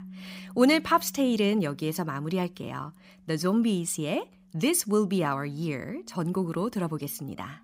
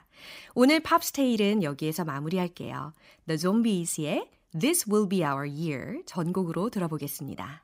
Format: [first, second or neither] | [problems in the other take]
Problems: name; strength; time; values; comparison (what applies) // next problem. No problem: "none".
second | background music; faint; throughout; 25 dB below the speech